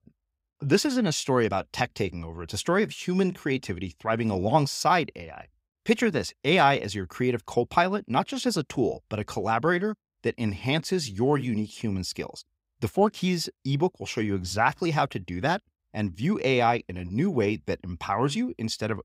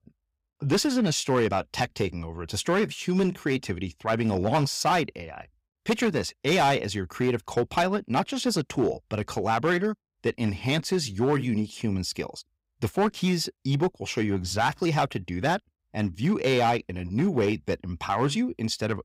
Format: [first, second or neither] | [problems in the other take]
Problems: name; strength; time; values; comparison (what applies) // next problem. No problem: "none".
first | distortion; slight; 5% of the sound clipped